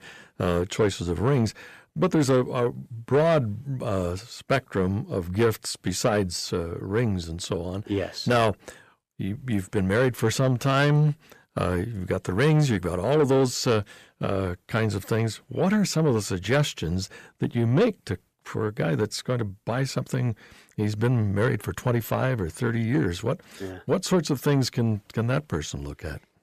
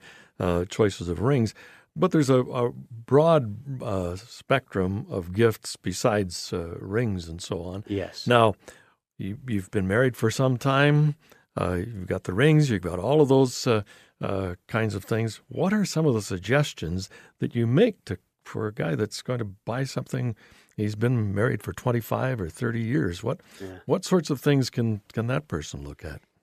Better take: second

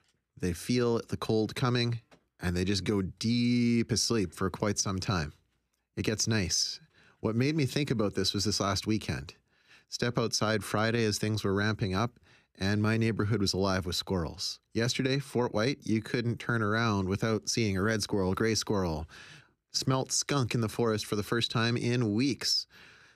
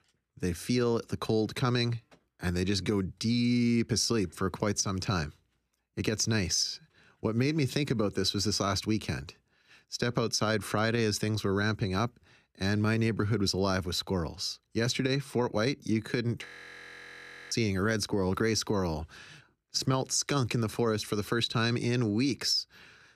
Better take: first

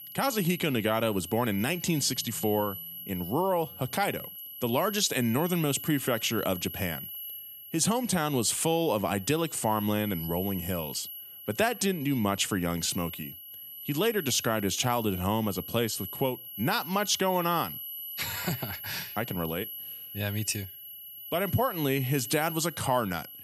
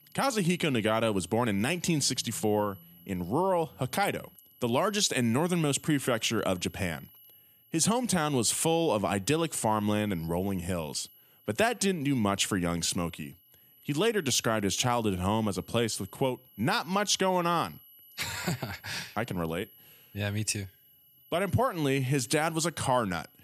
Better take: second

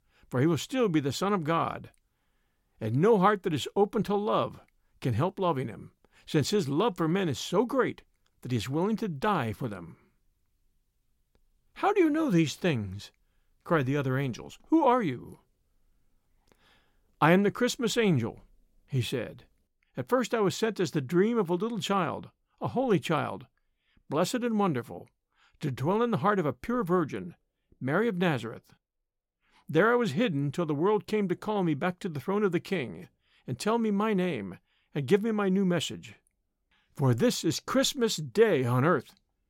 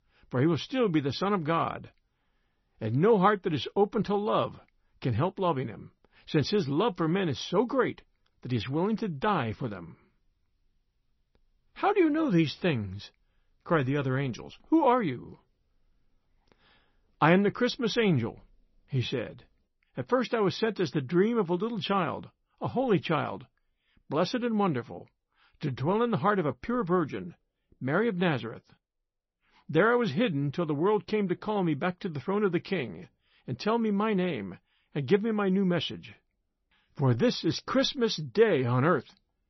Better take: first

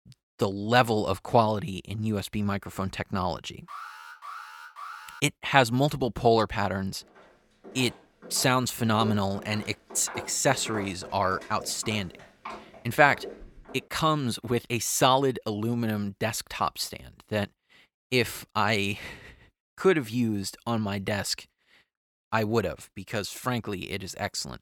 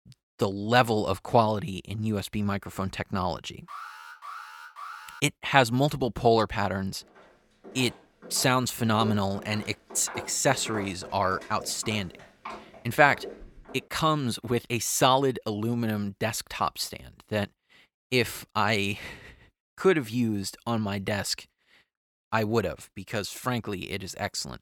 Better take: neither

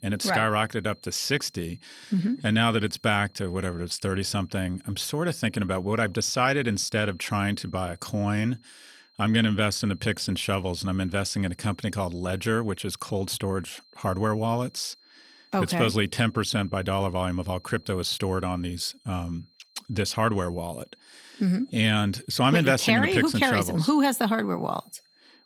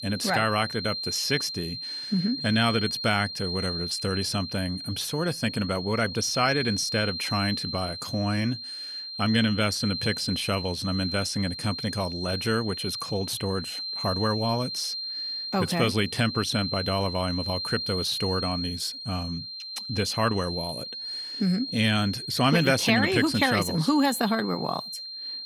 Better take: first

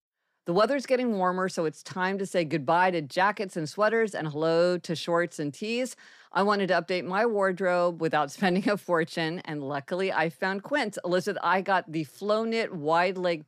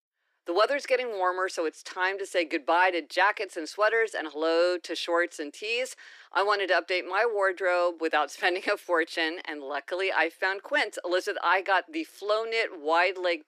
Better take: first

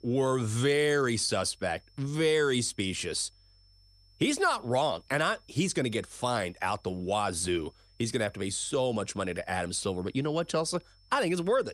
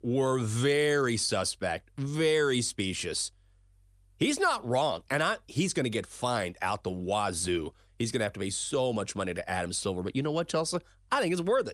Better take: second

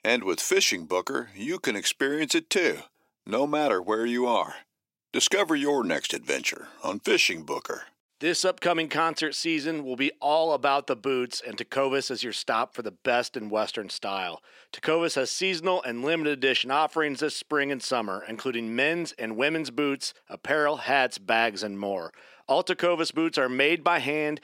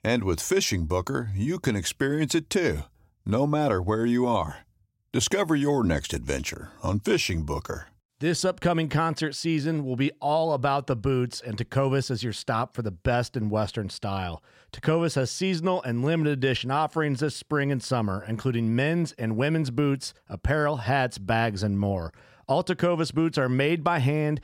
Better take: second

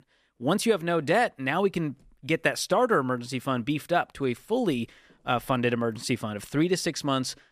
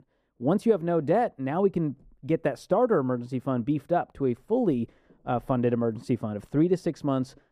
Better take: first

